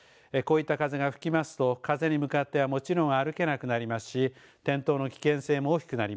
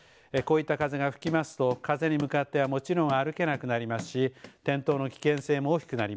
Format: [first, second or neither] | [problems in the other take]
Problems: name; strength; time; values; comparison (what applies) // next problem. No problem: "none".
first | background sound (Run); 19 dB below the speech